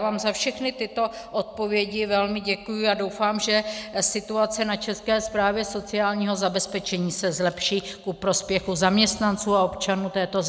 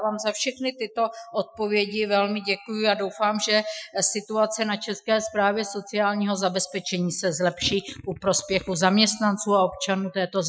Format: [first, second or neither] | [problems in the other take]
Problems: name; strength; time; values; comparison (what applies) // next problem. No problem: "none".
first | noise reduction (classical method Wiener filter)